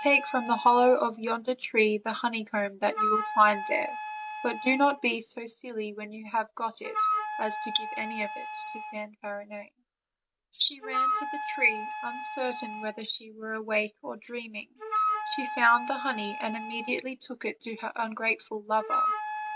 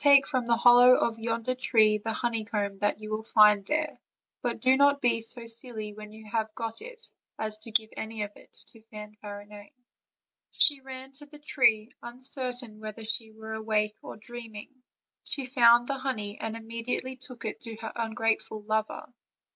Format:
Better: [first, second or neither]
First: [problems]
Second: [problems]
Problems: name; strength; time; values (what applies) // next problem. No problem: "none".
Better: second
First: background sound (Wind instrument, woodwind instrument); 5 dB below the speech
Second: none